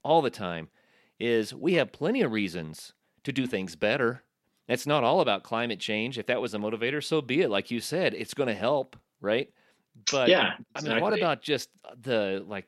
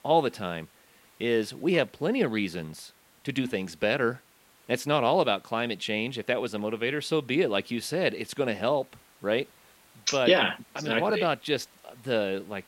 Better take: first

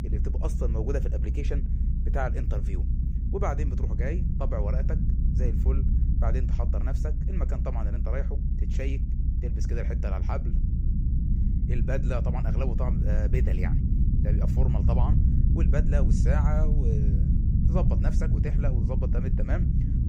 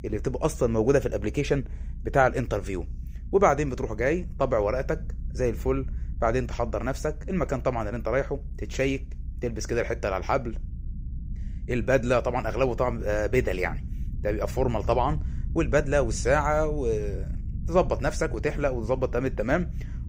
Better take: second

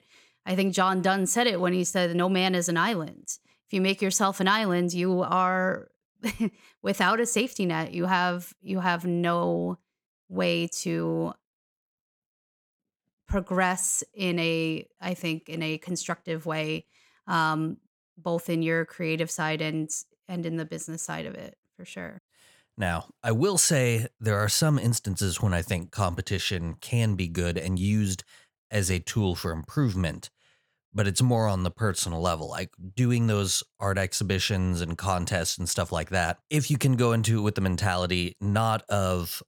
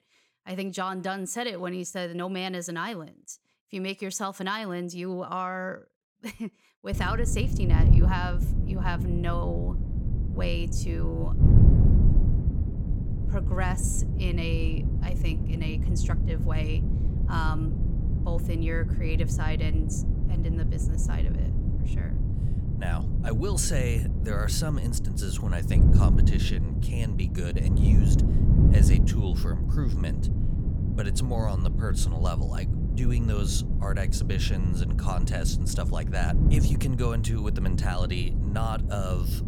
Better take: first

